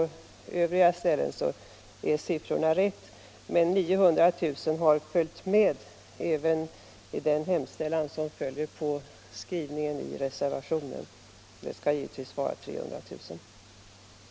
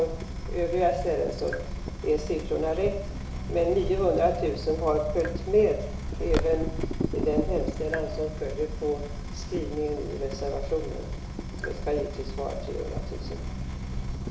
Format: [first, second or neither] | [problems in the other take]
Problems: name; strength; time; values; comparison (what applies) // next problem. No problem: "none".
first | background sound (Drip / Water tap, faucet); 4 dB below the speech // room echo; dies away in 0.7 s